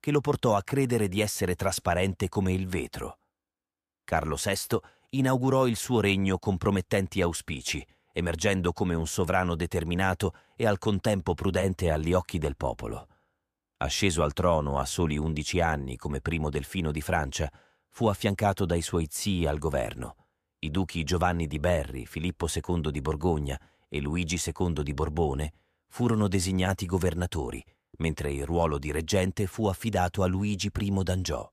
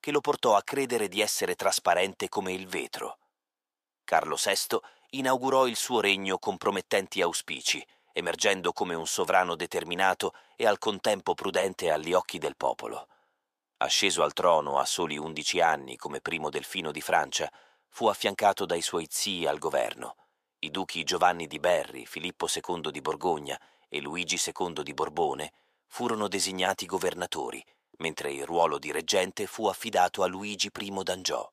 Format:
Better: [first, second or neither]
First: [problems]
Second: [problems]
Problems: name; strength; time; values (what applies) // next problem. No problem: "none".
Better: first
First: none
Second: thin; somewhat; fading below 400 Hz